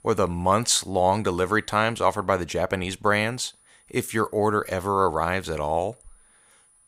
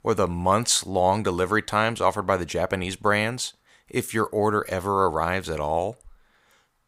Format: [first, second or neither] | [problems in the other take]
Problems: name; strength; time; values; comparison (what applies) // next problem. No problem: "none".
second | high-pitched whine; faint; until 2.5 s and from 3.5 s on; 9.5 kHz, 35 dB below the speech